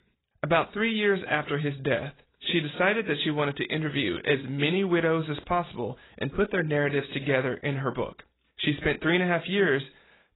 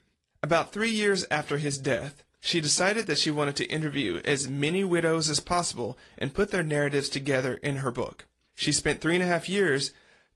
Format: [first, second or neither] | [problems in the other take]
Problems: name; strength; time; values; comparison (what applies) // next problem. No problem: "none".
second | garbled, watery; badly; nothing above 4 kHz; slightly in the second